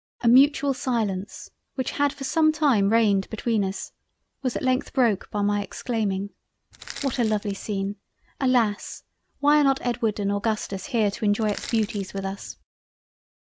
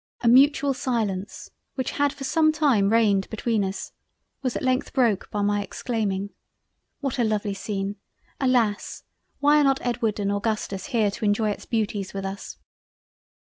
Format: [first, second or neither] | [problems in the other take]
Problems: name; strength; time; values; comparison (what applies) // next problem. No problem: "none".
second | background sound (Crushing); 16 dB below the speech